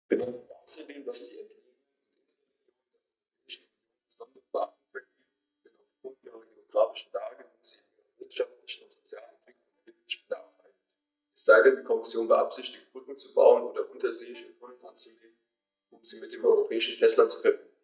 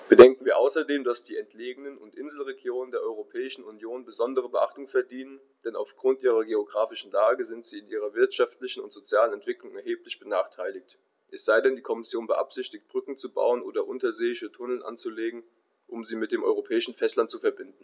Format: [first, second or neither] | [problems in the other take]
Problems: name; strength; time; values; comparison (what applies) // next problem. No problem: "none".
second | noise reduction (neural mask model DeepFilterNet 3)